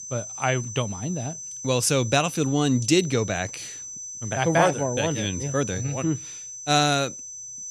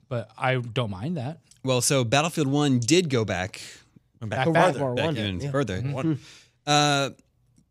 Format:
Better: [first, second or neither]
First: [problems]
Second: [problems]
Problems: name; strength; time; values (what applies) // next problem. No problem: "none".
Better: second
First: high-pitched whine; loud; throughout; 6 kHz, 10 dB below the speech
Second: none